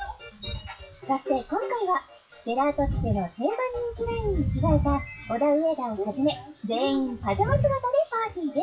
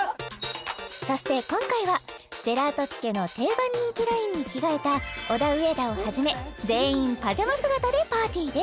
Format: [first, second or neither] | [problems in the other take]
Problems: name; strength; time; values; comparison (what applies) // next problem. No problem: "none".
second | noise reduction (classical method WPE with log-MMSE)